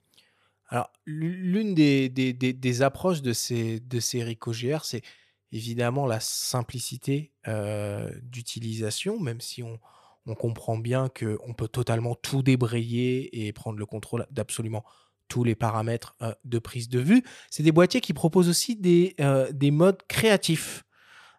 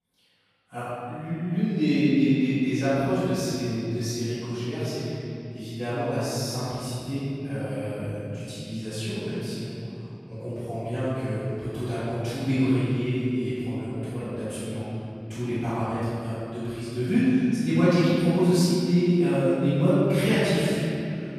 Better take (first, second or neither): first